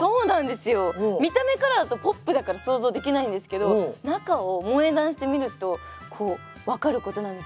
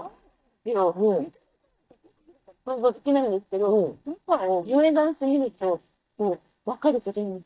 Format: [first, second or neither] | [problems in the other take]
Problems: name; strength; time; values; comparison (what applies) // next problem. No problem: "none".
first | noise reduction (neural mask model DeepFilterNet 3)